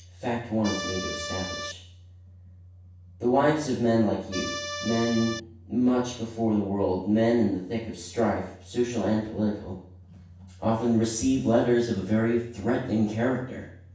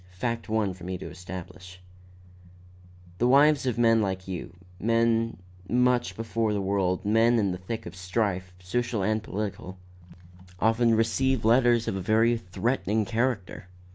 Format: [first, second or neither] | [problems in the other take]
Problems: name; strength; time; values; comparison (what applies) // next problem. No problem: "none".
second | background sound (Accordion); 7 dB below the speech // room echo; dies away in 0.7 s